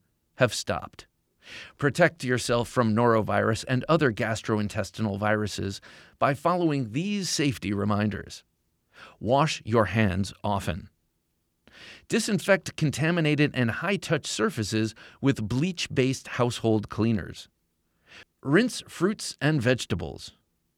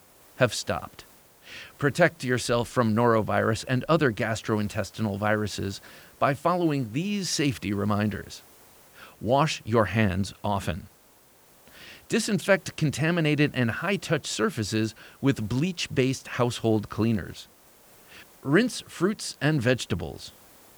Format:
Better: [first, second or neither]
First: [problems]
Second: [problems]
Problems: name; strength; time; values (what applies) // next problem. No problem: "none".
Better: first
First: none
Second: hiss; faint; throughout; 25 dB below the speech